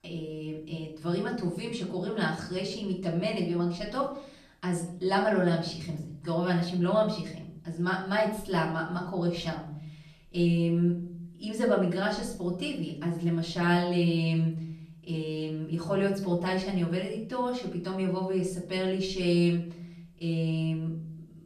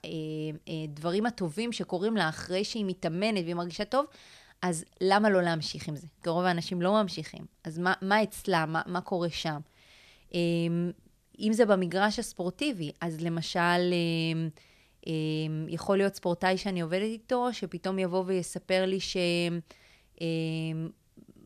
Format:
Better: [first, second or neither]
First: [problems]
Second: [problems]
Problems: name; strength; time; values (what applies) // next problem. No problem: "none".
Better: second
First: off-mic speech; far // room echo; slight; dies away in 0.8 s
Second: none